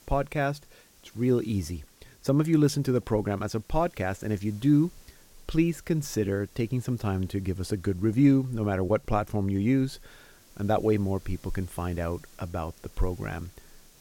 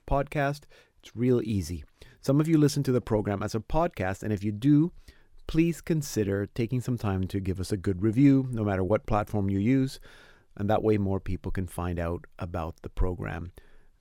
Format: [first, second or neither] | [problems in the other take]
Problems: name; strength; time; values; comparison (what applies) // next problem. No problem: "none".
second | hiss; faint; throughout; 25 dB below the speech